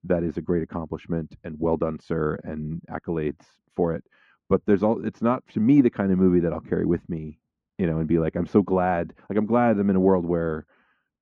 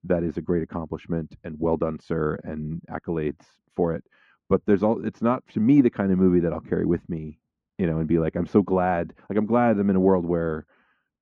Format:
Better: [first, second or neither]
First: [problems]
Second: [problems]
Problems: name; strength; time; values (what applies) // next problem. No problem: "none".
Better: neither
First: muffled; very; fading above 1.5 kHz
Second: muffled; very; fading above 1.5 kHz